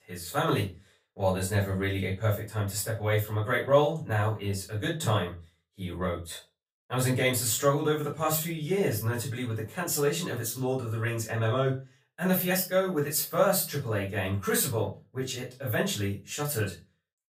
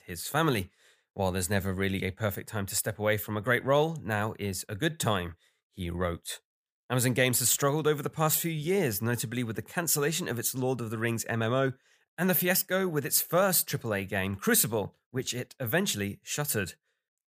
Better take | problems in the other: second | room echo; slight; dies away in 0.2 s // off-mic speech; far

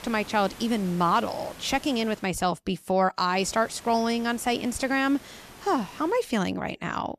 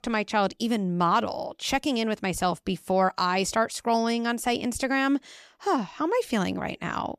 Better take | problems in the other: second | hiss; noticeable; until 2 s and from 3.5 to 6 s; 20 dB below the speech

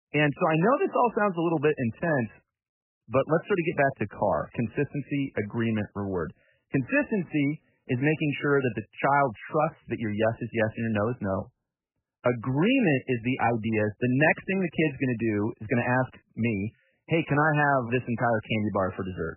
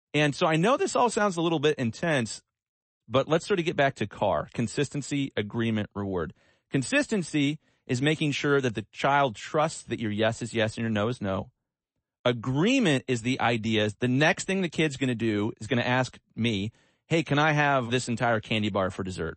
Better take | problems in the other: second | garbled, watery; badly; nothing above 3 kHz; slightly in the second

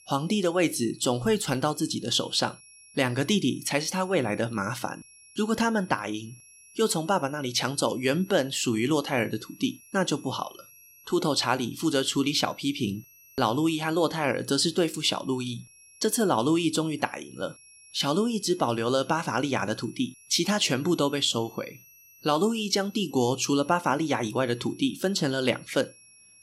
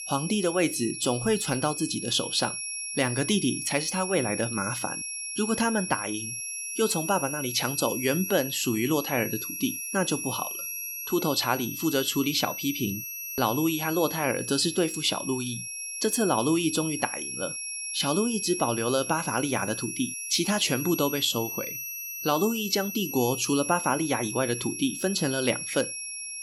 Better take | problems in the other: first | high-pitched whine; loud; throughout; 11 kHz, 5 dB below the speech; faint in the first

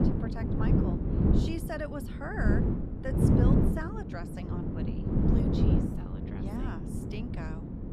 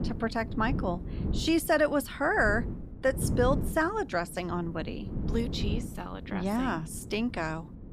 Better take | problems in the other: second | wind noise on the microphone; heavy; 4 dB above the speech; occasional gusts in the second

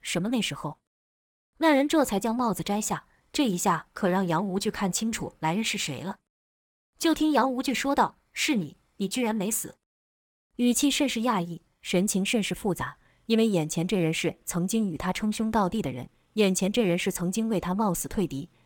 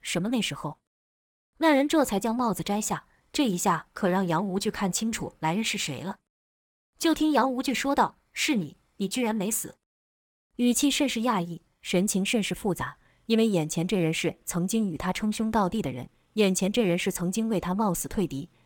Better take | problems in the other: neither | none

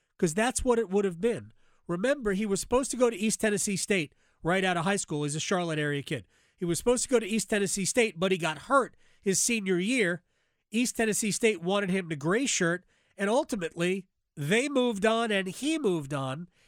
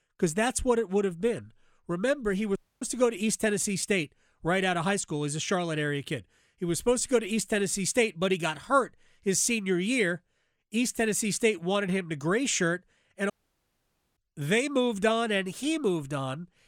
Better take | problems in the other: first | audio cutting out; at 2.5 s and at 13 s for 1 s

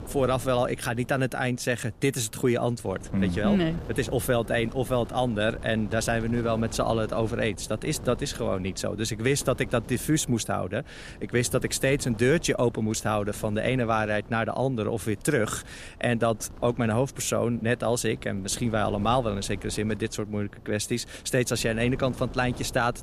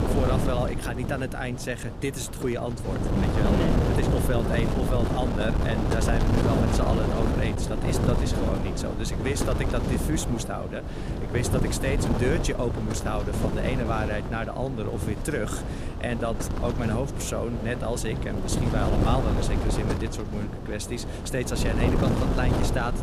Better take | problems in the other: first | wind noise on the microphone; heavy; 1 dB below the speech; occasional gusts in the first

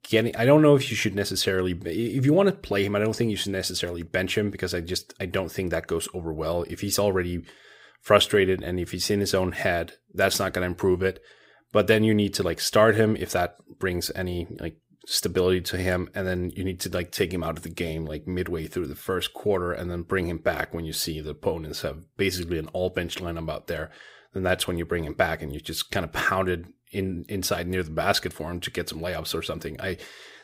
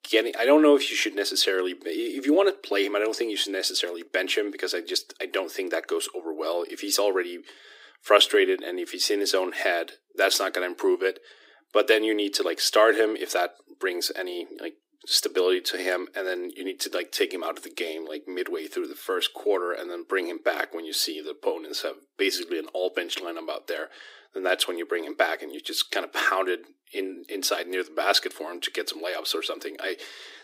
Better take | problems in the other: first | thin; somewhat; fading below 300 Hz

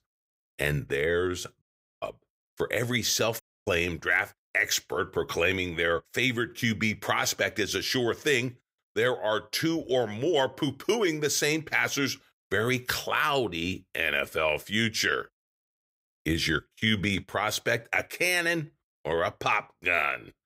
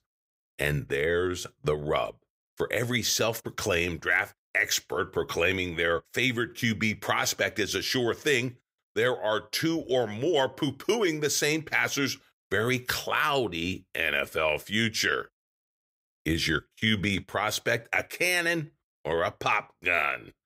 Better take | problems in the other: second | audio cutting out; at 1.5 s and at 3.5 s

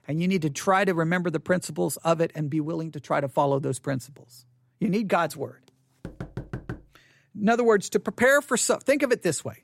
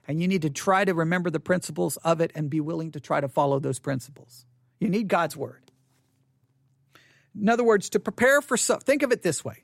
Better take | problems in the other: second | door banging; faint; at 6 s; peak 10 dB below the speech

